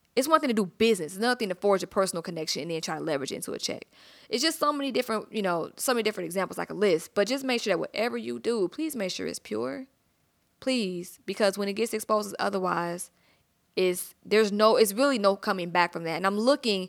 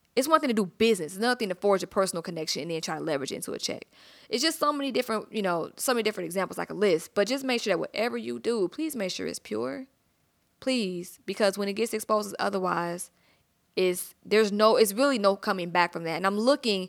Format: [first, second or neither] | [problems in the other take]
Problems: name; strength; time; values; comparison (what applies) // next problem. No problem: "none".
neither | none